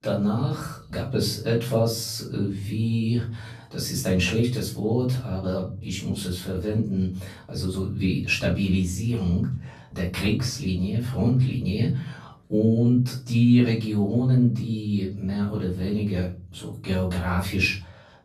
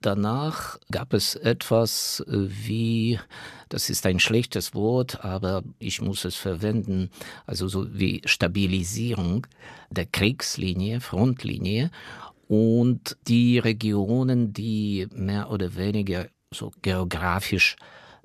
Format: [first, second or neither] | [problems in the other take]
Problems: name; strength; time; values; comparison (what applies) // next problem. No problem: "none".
second | off-mic speech; far // room echo; slight; dies away in 0.5 s